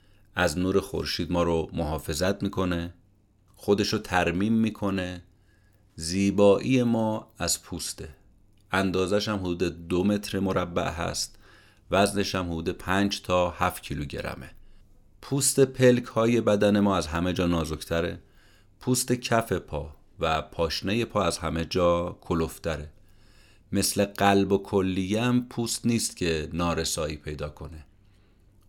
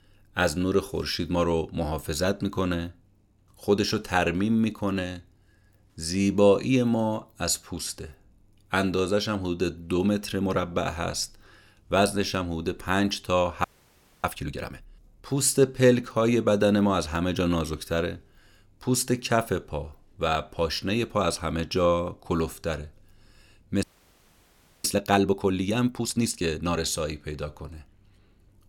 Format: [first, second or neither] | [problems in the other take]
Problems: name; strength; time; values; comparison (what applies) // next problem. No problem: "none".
first | audio freezing; at 14 s for 0.5 s and at 24 s for 1 s